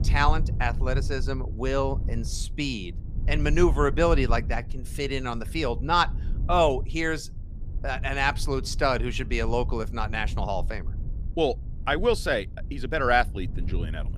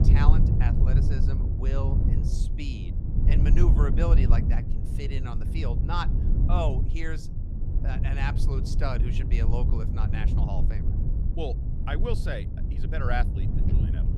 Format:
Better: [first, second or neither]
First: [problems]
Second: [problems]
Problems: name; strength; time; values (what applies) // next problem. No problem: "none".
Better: first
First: low rumble; faint; throughout; 20 dB below the speech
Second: low rumble; loud; throughout; 5 dB below the speech